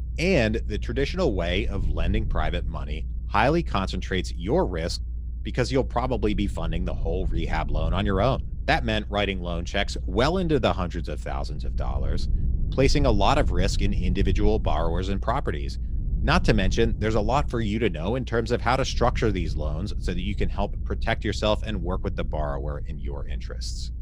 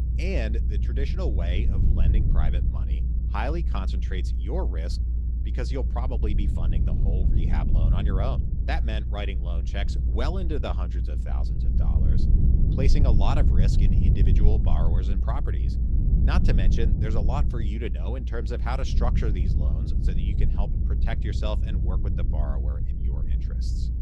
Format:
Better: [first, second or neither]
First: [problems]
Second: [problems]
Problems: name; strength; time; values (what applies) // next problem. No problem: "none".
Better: first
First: low rumble; faint; throughout; 20 dB below the speech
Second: low rumble; loud; throughout; 5 dB below the speech